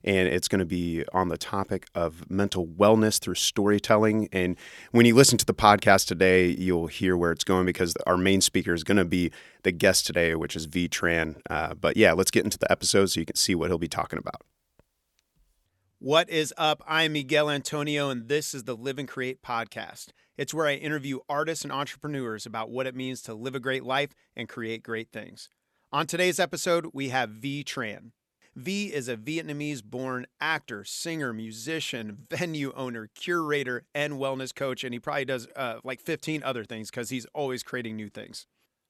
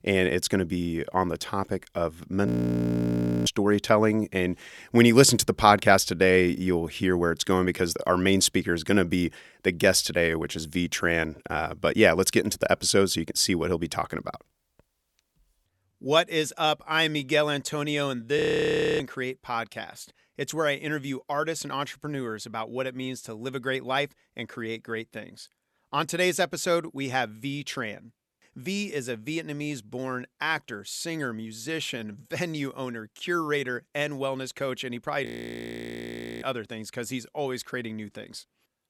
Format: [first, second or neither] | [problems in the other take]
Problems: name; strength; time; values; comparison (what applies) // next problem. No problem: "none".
first | audio freezing; at 2.5 s for 1 s, at 18 s for 0.5 s and at 35 s for 1 s